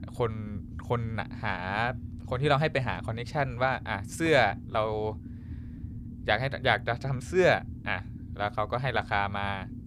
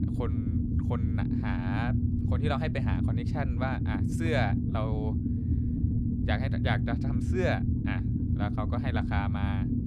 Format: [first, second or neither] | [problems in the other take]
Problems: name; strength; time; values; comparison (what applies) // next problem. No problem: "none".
first | low rumble; loud; throughout; 3 dB below the speech; faint in the first